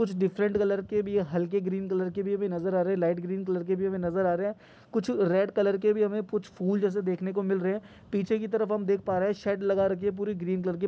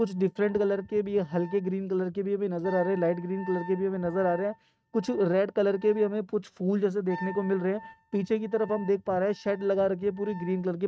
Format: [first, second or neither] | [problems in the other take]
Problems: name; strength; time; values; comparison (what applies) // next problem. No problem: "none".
first | noise reduction (neural mask model RNNoise)